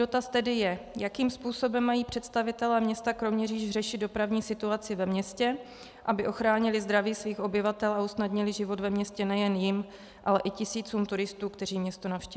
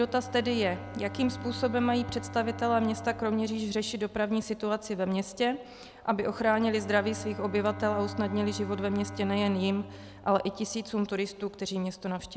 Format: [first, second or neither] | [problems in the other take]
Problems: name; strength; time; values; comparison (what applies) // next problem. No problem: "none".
first | background sound (Bowed string instrument); 13 dB below the speech